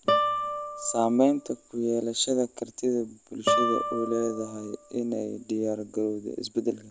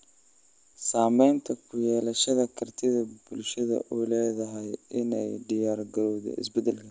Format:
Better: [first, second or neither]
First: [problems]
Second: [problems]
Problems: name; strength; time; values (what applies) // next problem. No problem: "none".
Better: second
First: background sound (Guitar); 3 dB below the speech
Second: none